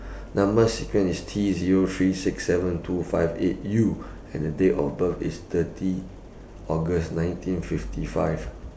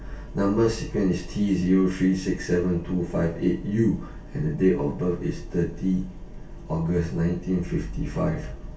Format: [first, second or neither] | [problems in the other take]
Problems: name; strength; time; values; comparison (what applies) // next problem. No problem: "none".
first | room echo; dies away in 0.2 s